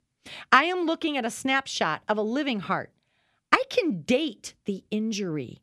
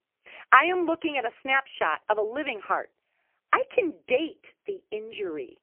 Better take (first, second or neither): first